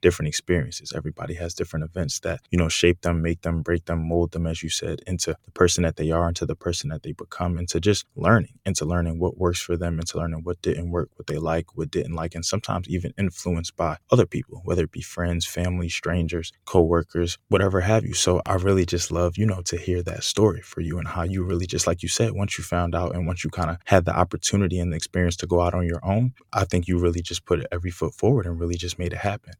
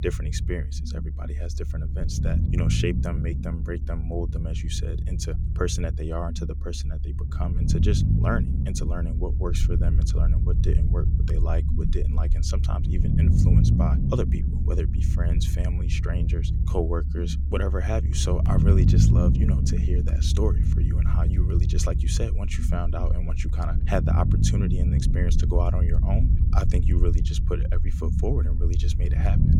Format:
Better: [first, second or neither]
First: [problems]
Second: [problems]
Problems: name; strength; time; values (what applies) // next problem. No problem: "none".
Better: first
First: none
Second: low rumble; loud; throughout; 4 dB below the speech